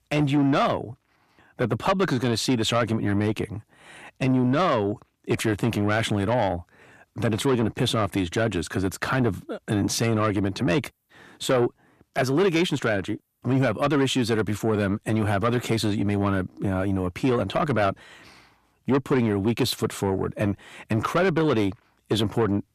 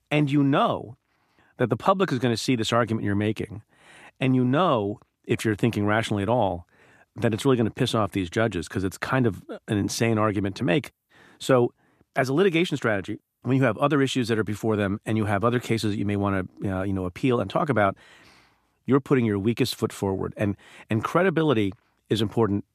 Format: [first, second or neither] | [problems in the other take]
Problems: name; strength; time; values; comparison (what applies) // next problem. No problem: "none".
second | distortion; slight; 10 dB below the speech